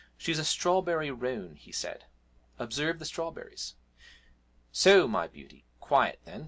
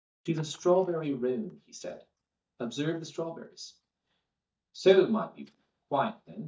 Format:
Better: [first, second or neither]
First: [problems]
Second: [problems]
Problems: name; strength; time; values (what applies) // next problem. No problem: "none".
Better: first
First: none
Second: noise reduction (neural mask model DeepFilterNet 3)